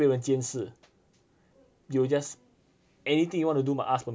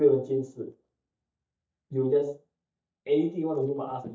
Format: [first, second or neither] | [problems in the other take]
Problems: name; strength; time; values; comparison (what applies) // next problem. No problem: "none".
first | noise reduction (neural mask model DeepFilterNet 3)